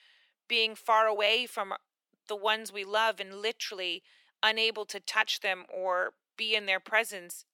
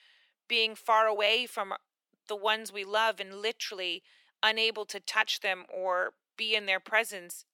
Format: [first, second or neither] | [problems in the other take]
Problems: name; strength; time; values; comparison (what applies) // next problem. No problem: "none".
neither | thin; very; fading below 450 Hz; the same in both